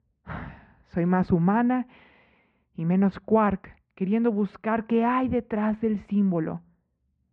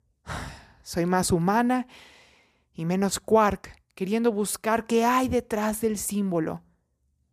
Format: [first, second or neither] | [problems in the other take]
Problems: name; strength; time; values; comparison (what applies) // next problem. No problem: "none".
second | muffled; very; fading above 2.5 kHz